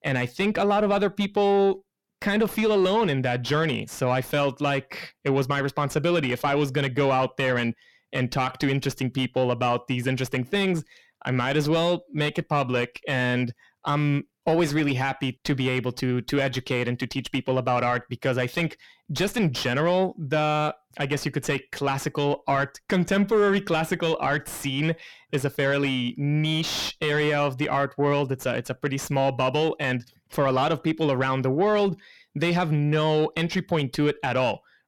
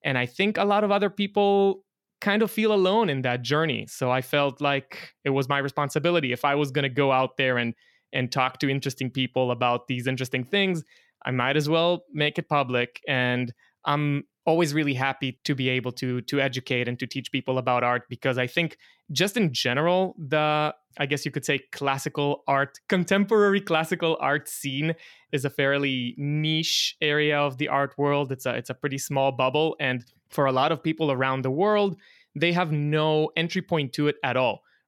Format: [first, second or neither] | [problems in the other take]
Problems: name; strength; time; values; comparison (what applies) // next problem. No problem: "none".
second | distortion; slight; 10 dB below the speech